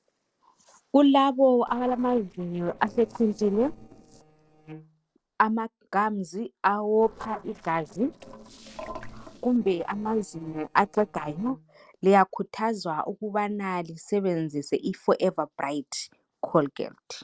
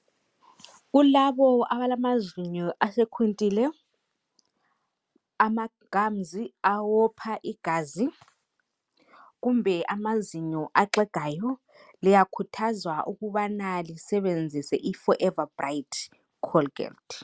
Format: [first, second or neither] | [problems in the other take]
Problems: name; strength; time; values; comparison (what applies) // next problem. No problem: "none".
second | noise reduction (neural separator model SepFormer DNS4)